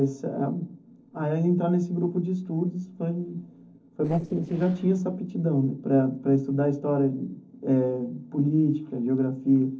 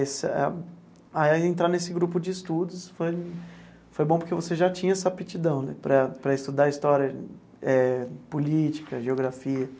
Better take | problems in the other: second | noise reduction (neural separator model SepFormer DNS4)

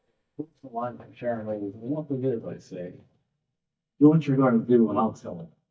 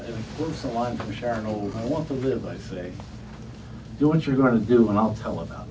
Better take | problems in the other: second | noise reduction (neural mask model DeepFilterNet 3)

